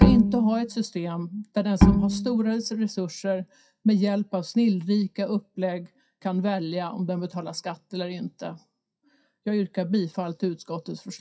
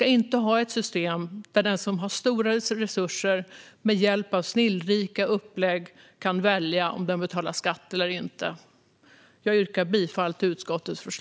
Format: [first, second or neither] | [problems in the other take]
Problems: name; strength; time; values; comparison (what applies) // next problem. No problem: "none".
second | noise reduction (classical method WPE with log-MMSE)